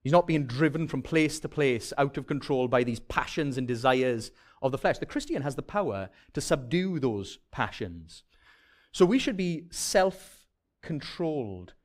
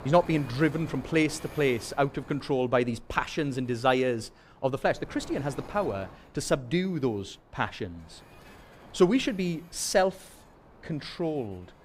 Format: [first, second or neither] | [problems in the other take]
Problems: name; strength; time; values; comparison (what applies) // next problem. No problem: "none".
first | wind noise on the microphone; occasional gusts; 20 dB below the speech